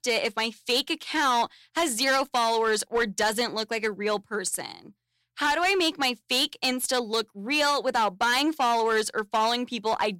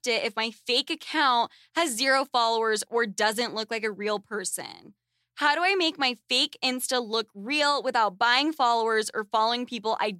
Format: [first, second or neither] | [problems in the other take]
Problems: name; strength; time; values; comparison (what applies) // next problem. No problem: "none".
second | distortion; slight; 7% of the sound clipped